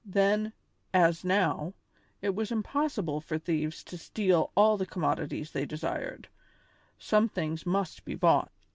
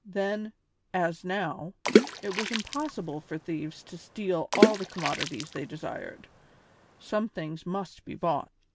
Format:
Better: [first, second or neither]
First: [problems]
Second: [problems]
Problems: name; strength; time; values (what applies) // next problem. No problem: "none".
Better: first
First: none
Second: background sound (Water / Splash, splatter); 3 dB above the speech